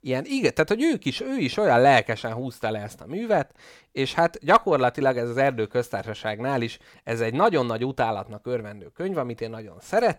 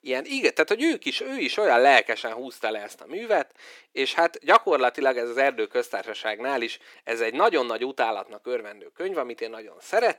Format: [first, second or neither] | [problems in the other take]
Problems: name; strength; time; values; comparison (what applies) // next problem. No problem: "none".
first | thin; somewhat; fading below 350 Hz